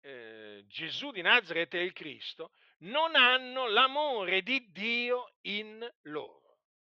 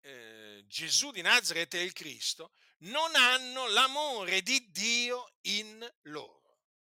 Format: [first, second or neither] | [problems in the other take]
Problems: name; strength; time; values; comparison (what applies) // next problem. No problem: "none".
second | muffled; very; fading above 3.5 kHz